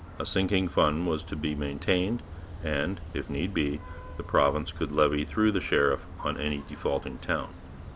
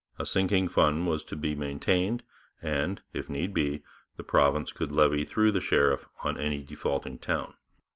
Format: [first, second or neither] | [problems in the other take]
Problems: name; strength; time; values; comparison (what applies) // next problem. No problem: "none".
second | background sound (Vehicle horn, car horn, honking); 12 dB below the speech